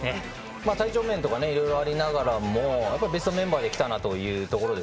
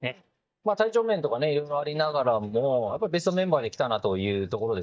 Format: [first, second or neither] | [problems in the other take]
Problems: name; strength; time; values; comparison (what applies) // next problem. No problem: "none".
first | noise reduction (neural mask model DeepFilterNet 3)